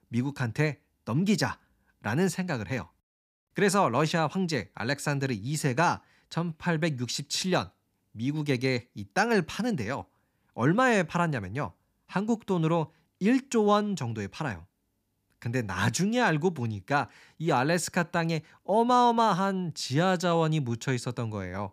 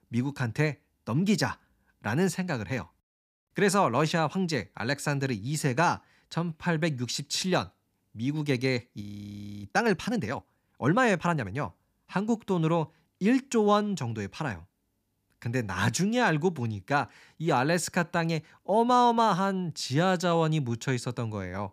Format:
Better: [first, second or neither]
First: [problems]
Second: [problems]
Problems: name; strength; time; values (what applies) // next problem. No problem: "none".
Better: first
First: none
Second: audio freezing; at 9 s for 0.5 s